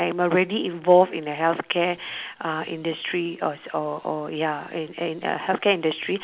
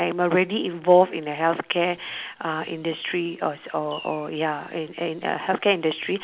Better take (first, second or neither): first